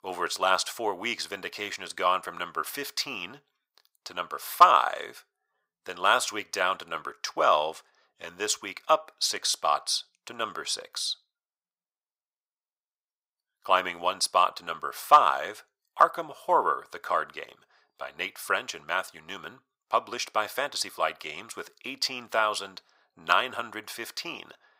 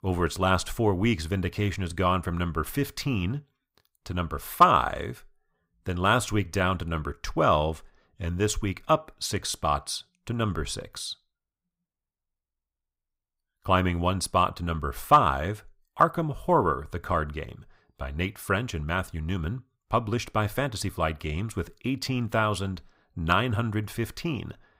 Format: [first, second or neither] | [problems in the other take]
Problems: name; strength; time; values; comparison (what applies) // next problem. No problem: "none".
second | thin; very; fading below 700 Hz